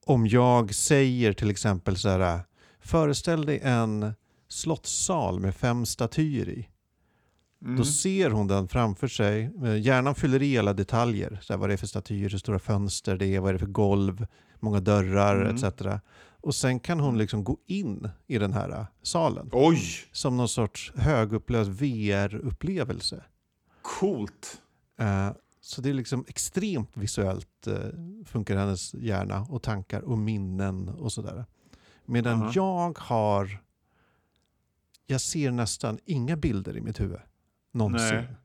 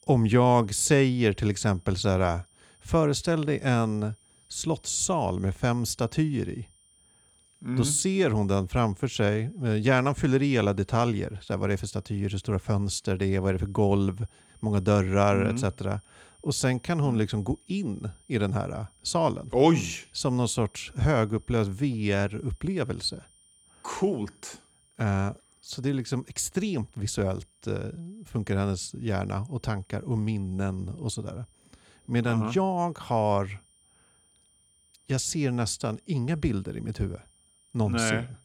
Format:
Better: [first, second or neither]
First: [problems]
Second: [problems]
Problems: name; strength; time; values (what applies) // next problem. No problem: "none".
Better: first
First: none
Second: high-pitched whine; faint; throughout; 9 kHz, 30 dB below the speech